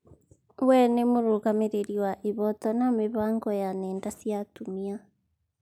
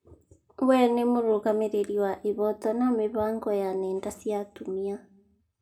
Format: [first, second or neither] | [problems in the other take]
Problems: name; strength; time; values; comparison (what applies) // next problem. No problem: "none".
first | room echo; dies away in 0.3 s